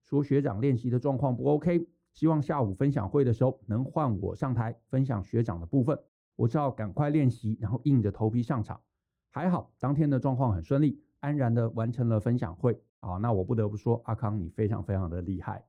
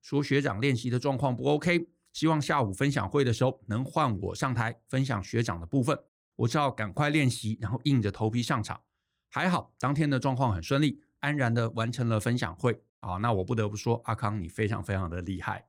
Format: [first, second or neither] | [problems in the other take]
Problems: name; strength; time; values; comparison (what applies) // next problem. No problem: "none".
second | muffled; very; fading above 1.5 kHz